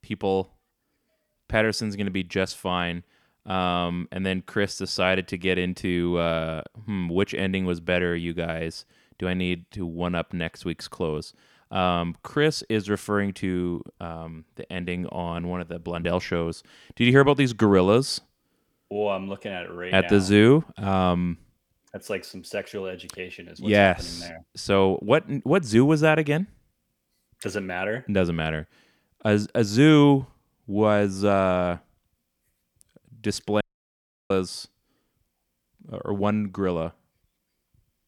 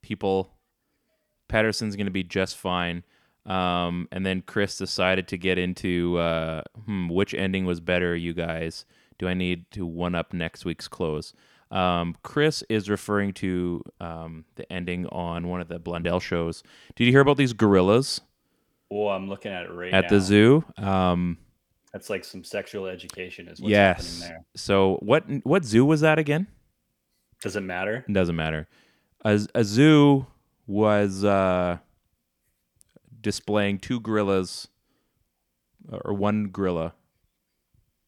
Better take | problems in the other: second | audio cutting out; at 34 s for 0.5 s

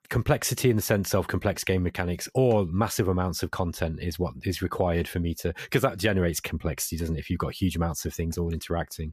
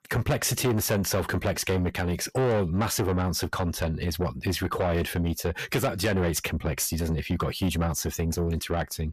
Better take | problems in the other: first | distortion; heavy; 7 dB below the speech

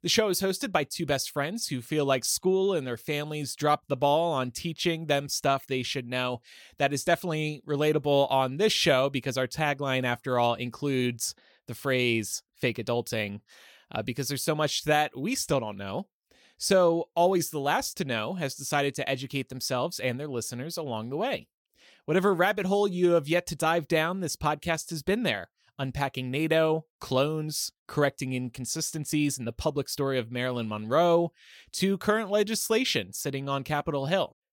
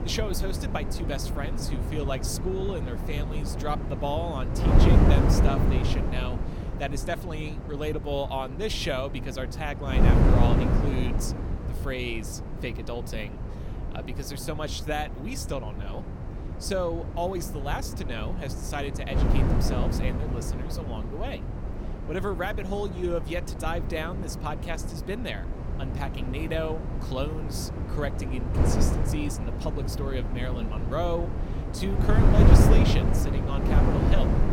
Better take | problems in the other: first | wind noise on the microphone; heavy; 2 dB below the speech

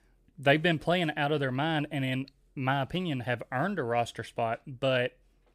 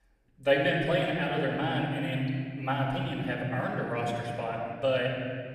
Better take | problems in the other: first | off-mic speech; far // room echo; noticeable; dies away in 2.2 s

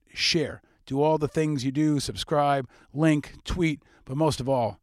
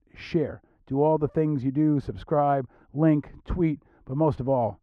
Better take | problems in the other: first | muffled; very; fading above 2.5 kHz

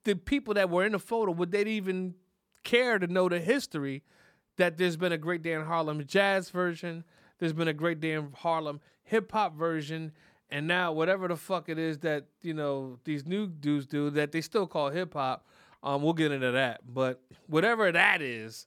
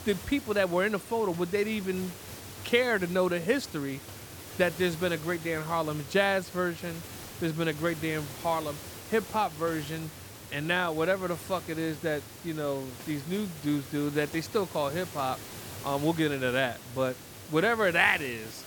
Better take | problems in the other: first | hiss; noticeable; throughout; 15 dB below the speech

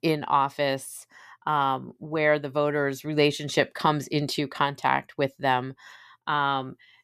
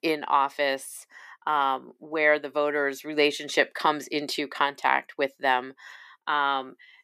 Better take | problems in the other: first | thin; very slightly; fading below 300 Hz

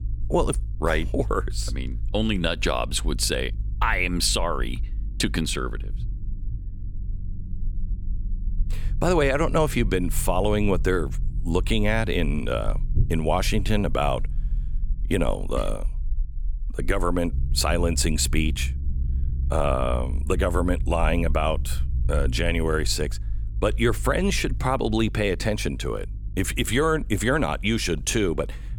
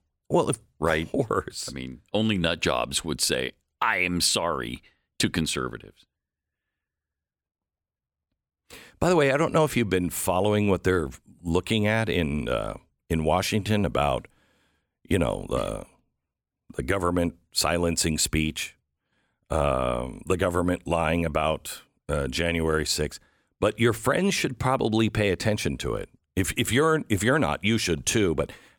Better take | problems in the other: second | low rumble; faint; throughout; 25 dB below the speech

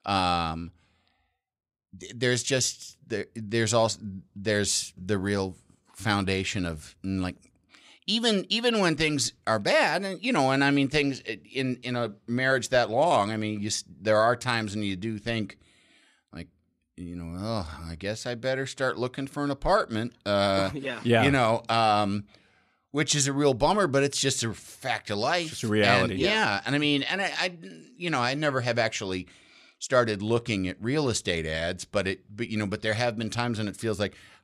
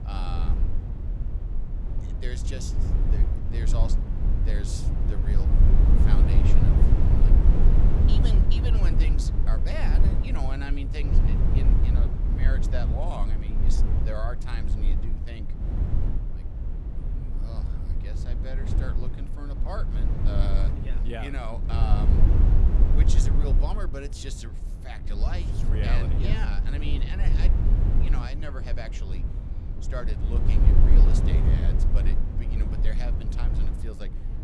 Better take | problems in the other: first | low rumble; loud; throughout; as loud as the speech

